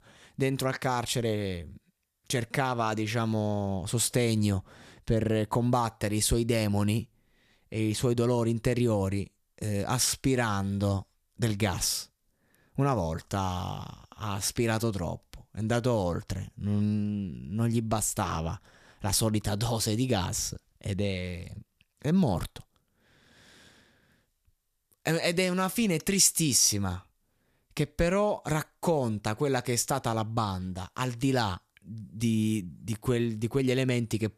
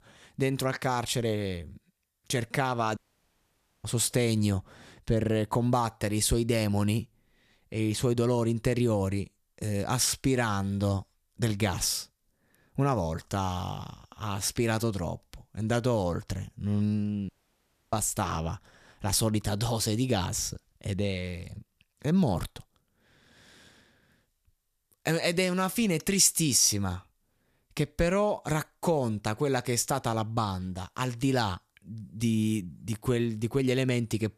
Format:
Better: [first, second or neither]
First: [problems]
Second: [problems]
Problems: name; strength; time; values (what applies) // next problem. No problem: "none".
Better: first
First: none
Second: audio cutting out; at 3 s for 1 s and at 17 s for 0.5 s